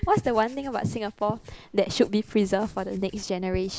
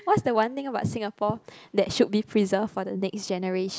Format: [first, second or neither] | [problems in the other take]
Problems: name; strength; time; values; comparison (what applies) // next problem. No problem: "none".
second | background sound (Writing); 15 dB below the speech